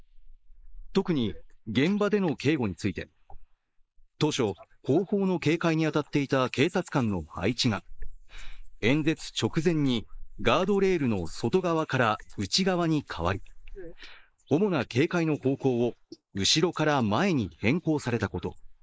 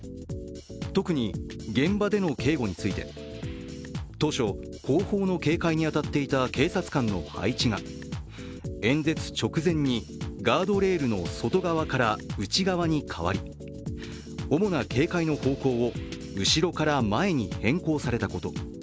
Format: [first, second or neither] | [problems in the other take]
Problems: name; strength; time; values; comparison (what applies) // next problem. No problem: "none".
second | noise reduction (neural mask model Resemble Enhance denoiser)